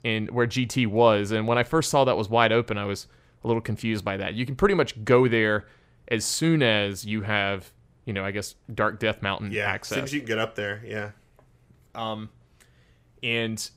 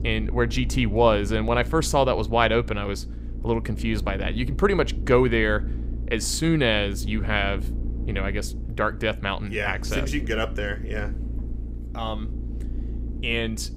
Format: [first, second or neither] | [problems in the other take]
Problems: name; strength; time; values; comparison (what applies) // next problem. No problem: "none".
first | low rumble; noticeable; throughout; 20 dB below the speech